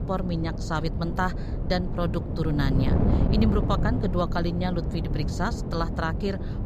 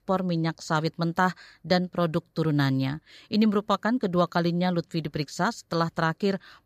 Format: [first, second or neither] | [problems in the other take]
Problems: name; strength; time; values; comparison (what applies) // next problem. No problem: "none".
second | wind noise on the microphone; heavy; 6 dB below the speech